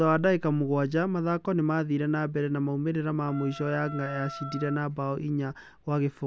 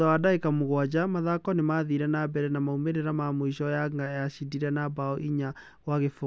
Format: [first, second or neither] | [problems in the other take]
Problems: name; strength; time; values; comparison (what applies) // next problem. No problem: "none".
second | background sound (Wind instrument, woodwind instrument); 14 dB below the speech